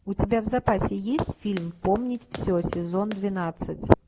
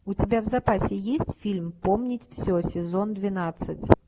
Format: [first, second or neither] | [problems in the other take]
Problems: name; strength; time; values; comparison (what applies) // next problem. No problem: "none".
second | background sound (Run); 16 dB below the speech